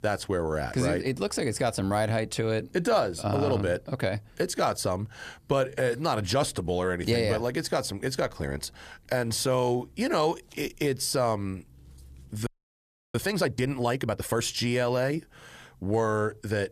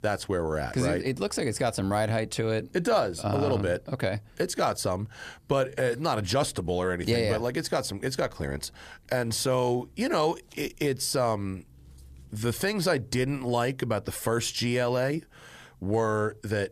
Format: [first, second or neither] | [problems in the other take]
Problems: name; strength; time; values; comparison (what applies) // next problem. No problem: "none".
second | audio freezing; at 12 s for 0.5 s